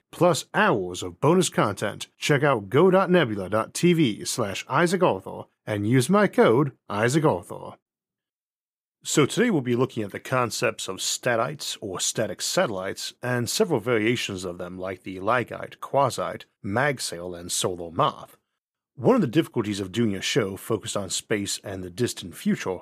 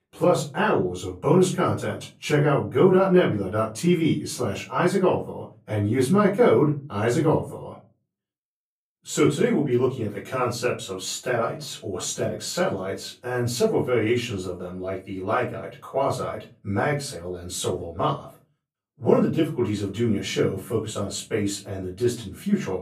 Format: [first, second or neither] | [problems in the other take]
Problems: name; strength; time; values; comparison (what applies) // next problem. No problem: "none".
first | off-mic speech; far // room echo; slight; dies away in 0.3 s